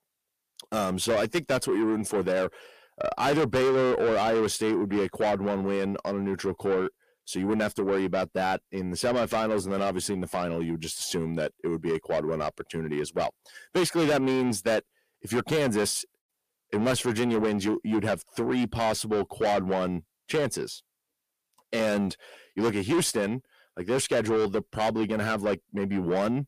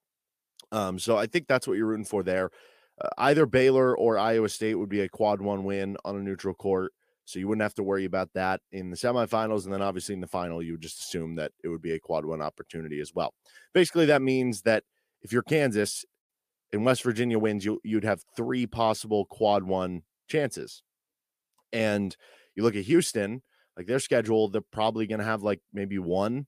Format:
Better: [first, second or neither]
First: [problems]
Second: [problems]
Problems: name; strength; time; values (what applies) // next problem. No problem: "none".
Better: second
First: distortion; heavy; 7 dB below the speech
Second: none